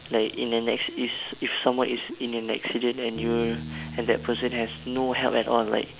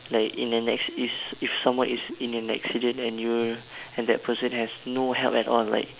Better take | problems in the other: second | background sound (Bass guitar); 15 dB below the speech

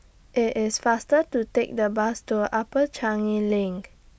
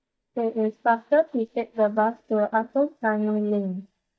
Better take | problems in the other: first | noise reduction (neural mask model DeepFilterNet 3)

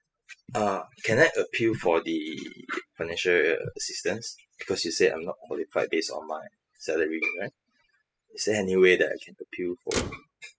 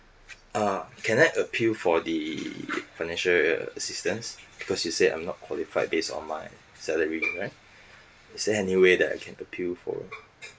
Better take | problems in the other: second | noise reduction (classical method spectral subtraction)

